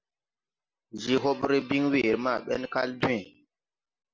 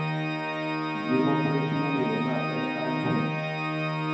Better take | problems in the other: first | background sound (Organ); 3 dB above the speech // room echo; dies away in 0.9 s

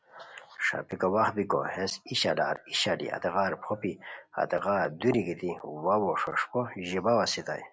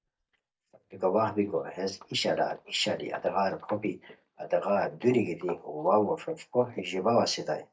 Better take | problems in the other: first | noise reduction (neural mask model DeepFilterNet 3)

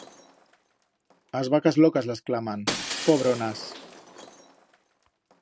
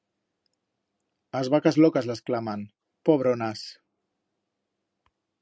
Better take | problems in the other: second | background sound (Shatter); 12 dB below the speech

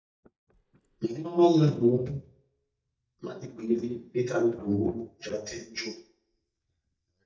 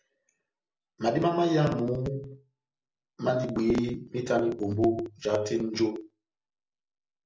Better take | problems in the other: second | noise reduction (neural mask model DeepFilterNet 3)

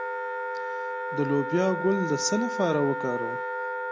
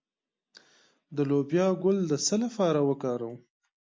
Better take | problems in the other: second | background sound (Wind instrument, woodwind instrument); 3 dB below the speech

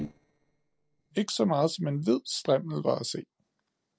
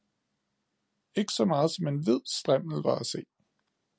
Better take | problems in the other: second | noise reduction (neural separator model SepFormer DNS4)

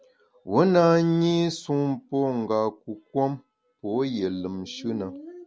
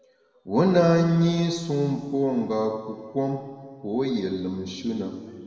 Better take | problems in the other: first | room echo; dies away in 1.8 s

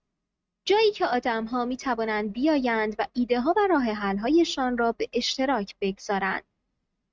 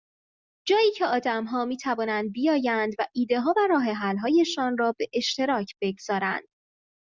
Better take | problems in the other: second | noise reduction (neural mask model RNNoise)

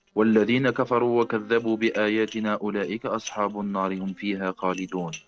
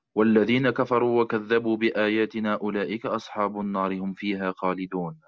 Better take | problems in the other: second | noise reduction (neural separator model SepFormer DNS4)

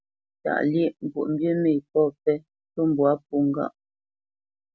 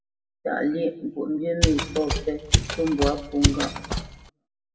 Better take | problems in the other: first | background sound (Mechanisms); 2 dB above the speech // room echo; dies away in 0.7 s

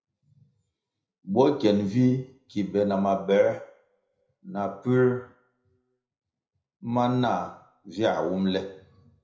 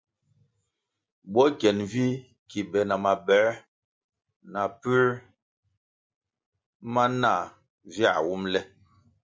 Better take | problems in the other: second | room echo; dies away in 0.5 s

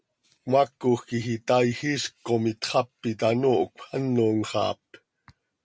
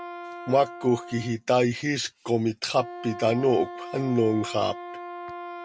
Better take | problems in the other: first | background sound (Wind instrument, woodwind instrument); 13 dB below the speech

